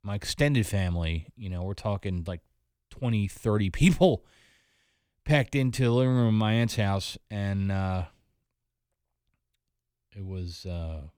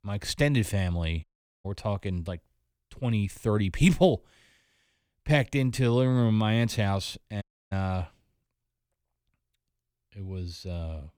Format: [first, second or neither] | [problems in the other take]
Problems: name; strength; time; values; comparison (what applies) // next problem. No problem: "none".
first | audio cutting out; at 1 s and at 7.5 s